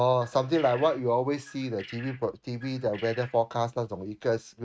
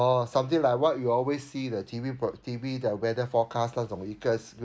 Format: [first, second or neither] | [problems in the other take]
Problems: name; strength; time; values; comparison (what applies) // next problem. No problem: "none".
second | noise reduction (neural mask model RNNoise)